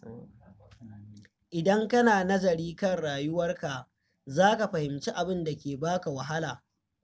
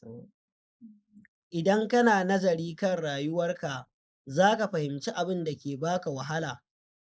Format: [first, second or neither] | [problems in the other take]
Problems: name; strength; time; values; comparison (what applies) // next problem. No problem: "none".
first | noise reduction (neural mask model Resemble Enhance denoiser)